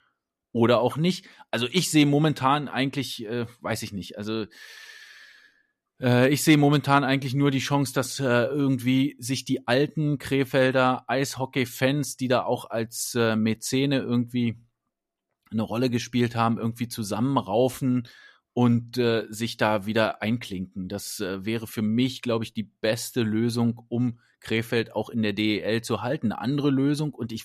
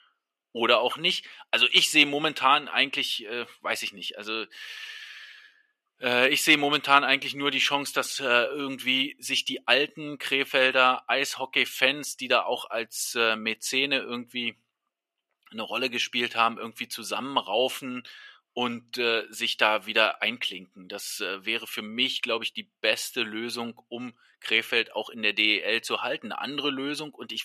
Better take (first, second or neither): first